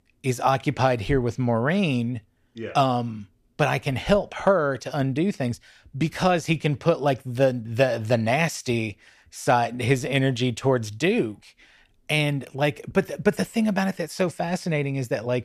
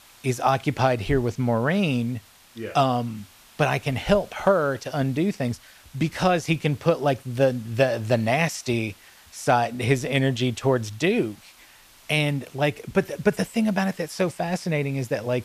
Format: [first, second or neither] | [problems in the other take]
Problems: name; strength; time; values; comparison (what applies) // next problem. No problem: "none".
first | hiss; faint; throughout; 25 dB below the speech